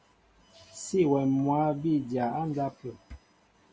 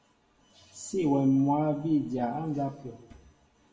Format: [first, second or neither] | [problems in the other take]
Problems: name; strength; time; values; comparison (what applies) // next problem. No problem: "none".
first | room echo; dies away in 0.7 s